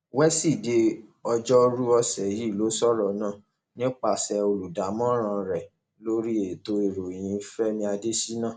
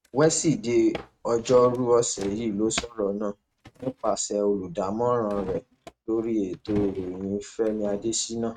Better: first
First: none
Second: noise reduction (neural mask model RNNoise)

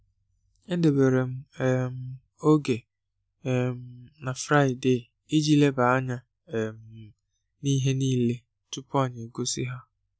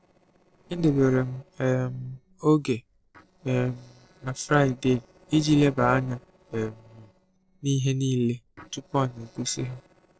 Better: first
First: none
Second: noise reduction (neural separator model SepFormer DNS4)

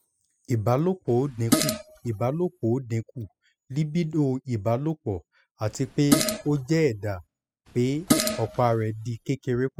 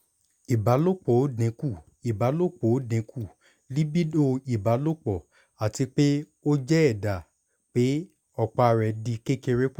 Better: second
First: noise reduction (classical method spectral subtraction)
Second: none

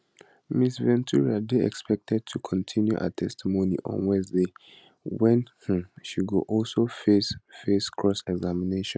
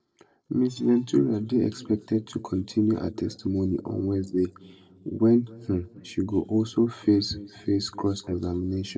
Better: first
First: none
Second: noise reduction (neural separator model SepFormer DNS4)

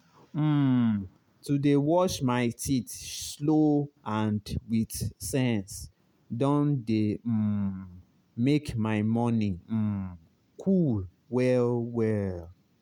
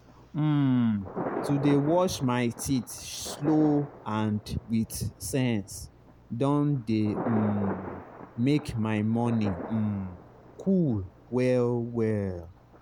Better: first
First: none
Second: background sound (Thunder); 12 dB below the speech

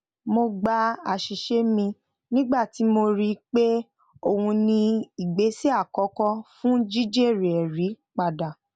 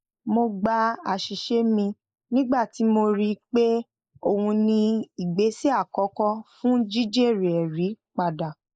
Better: first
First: none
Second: noise reduction (neural mask model Resemble Enhance denoiser)

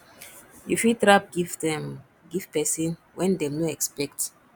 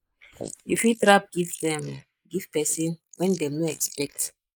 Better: first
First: none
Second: noise reduction (neural mask model Resemble Enhance denoiser)

